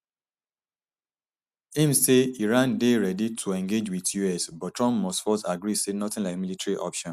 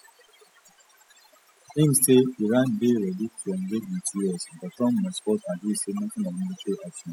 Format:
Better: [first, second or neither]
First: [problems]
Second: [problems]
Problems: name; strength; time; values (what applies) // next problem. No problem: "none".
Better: first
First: none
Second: noise reduction (classical method spectral subtraction)